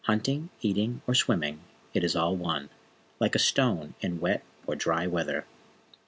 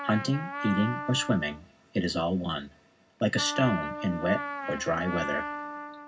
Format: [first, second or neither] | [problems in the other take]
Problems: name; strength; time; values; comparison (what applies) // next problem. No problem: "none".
first | background sound (Trumpet); 7 dB below the speech // room echo; dies away in 0.4 s